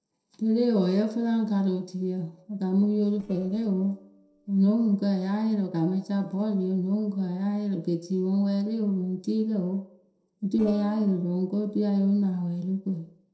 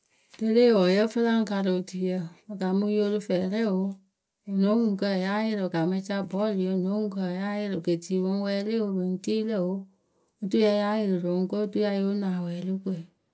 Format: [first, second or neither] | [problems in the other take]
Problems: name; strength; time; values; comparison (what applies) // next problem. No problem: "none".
second | noise reduction (neural separator model SepFormer DNS4)